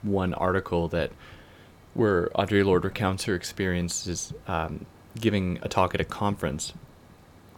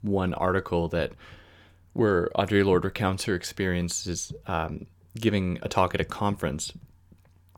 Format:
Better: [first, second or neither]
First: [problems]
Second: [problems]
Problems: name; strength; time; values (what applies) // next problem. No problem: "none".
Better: second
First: hiss; faint; throughout; 25 dB below the speech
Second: none